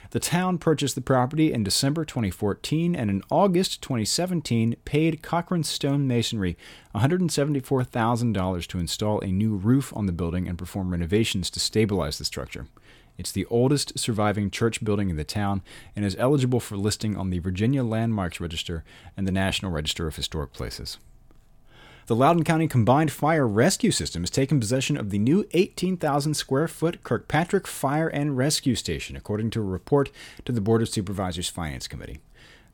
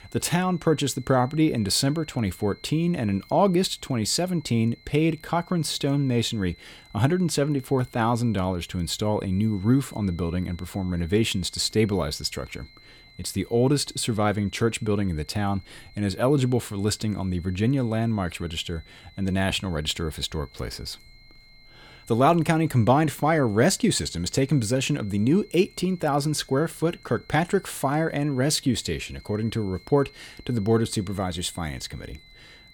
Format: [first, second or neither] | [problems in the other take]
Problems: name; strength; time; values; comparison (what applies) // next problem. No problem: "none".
first | high-pitched whine; faint; throughout; 2 kHz, 25 dB below the speech